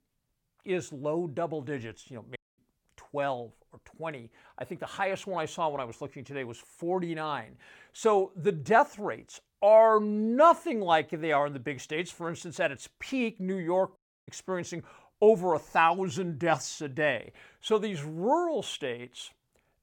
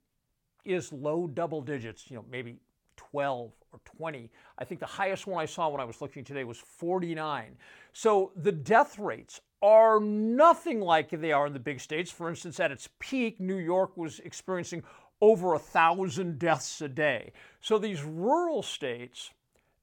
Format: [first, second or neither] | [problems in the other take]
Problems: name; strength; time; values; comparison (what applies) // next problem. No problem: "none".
second | audio cutting out; at 2.5 s and at 14 s